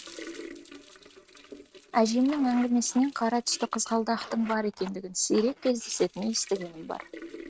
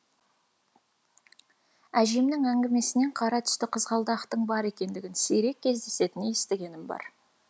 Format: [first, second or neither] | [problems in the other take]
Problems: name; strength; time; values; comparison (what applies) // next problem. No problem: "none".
second | noise reduction (neural mask model RNNoise)